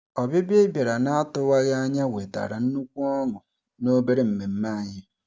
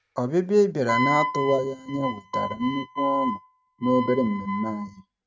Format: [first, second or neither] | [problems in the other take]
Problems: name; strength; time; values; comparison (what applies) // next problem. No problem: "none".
first | noise reduction (neural mask model RNNoise)